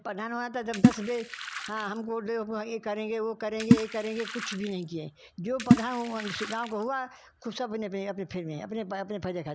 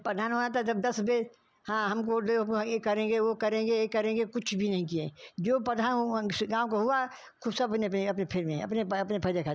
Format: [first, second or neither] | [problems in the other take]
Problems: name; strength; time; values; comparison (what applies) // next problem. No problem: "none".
second | background sound (Water / Splash, splatter); 4 dB above the speech